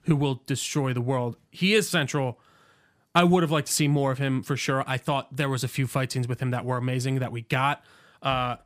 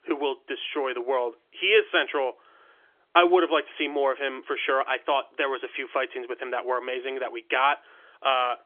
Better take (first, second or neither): first